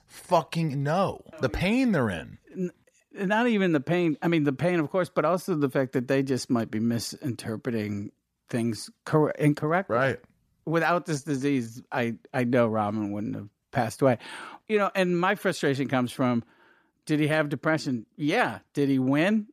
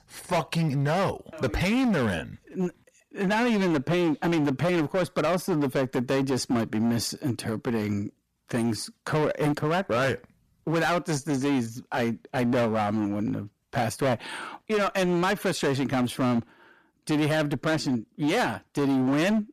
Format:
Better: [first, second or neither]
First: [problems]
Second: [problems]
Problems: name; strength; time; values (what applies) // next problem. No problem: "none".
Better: first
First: none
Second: distortion; heavy; 18% of the sound clipped